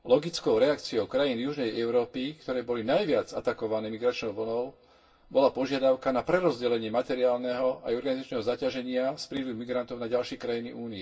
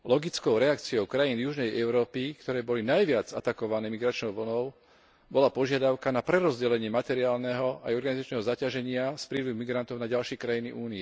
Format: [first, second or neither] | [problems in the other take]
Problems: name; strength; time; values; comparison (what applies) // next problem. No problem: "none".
second | room echo; dies away in 0.2 s